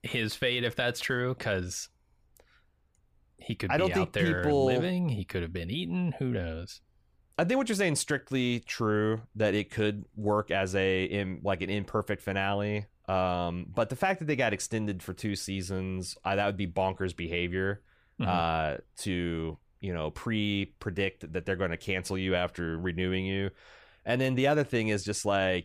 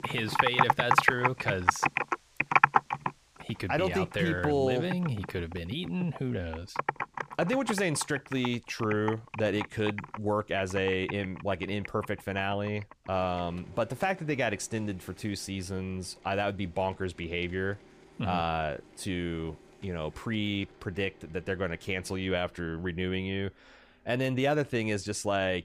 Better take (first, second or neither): first